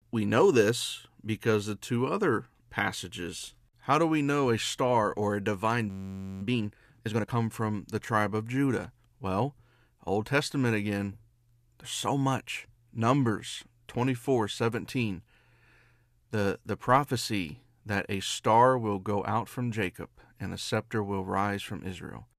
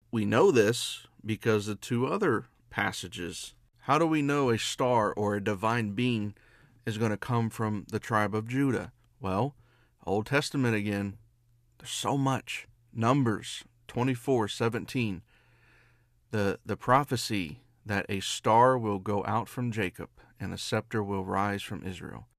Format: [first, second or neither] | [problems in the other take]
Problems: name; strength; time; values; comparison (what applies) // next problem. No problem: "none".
second | audio freezing; at 6 s for 0.5 s